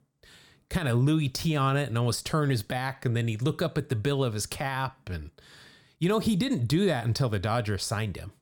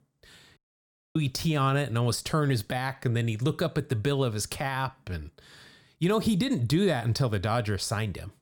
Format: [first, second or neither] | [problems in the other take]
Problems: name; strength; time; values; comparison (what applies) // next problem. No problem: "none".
first | audio cutting out; at 0.5 s for 0.5 s